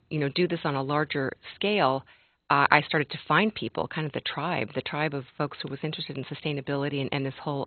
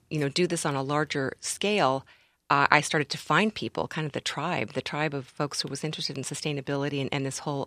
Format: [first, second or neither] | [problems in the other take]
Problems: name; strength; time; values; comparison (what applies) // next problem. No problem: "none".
second | garbled, watery; badly; nothing above 4 kHz